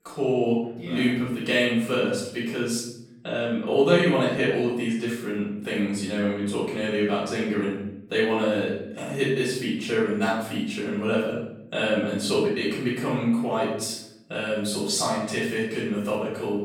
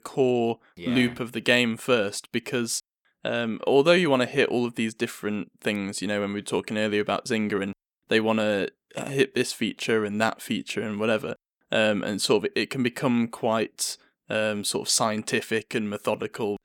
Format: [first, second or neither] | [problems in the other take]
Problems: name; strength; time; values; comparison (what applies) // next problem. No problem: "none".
second | room echo; noticeable; dies away in 0.8 s // off-mic speech; far